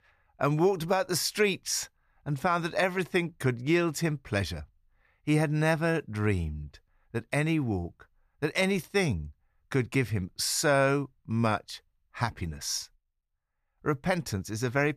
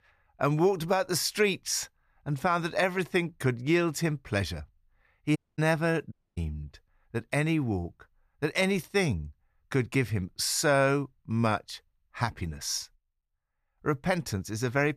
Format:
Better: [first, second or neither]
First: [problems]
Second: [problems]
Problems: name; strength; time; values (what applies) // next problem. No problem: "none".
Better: first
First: none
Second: audio cutting out; at 5.5 s and at 6 s